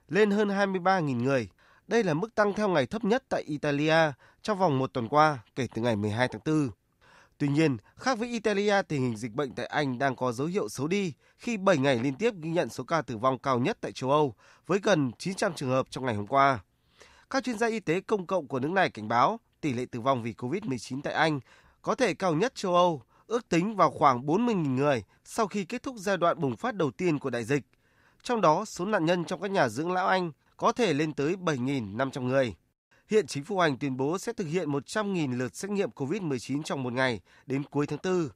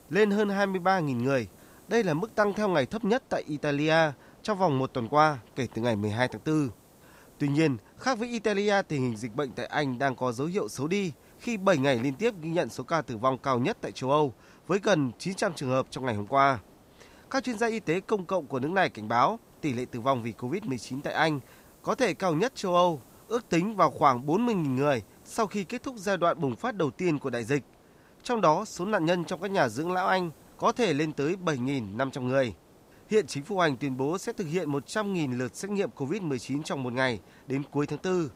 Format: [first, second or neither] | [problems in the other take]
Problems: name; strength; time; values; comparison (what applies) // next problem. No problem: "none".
first | hiss; faint; throughout; 30 dB below the speech